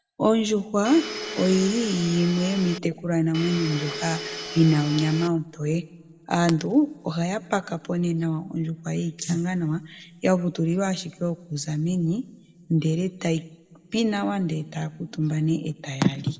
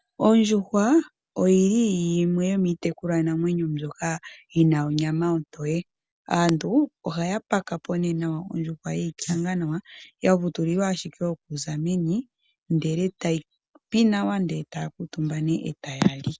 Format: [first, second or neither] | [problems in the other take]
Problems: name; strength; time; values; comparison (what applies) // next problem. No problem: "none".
second | background sound (Domestic sounds, home sounds); 9 dB below the speech // room echo; dies away in 1.2 s